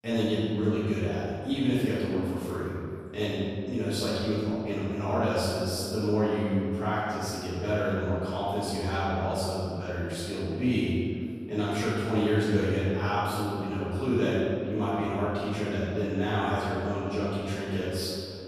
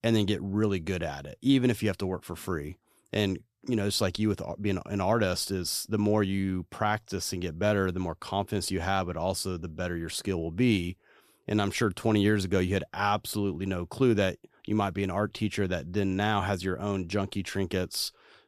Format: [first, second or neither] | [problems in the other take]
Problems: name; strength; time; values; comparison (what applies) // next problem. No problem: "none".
second | off-mic speech; far // room echo; strong; dies away in 2.2 s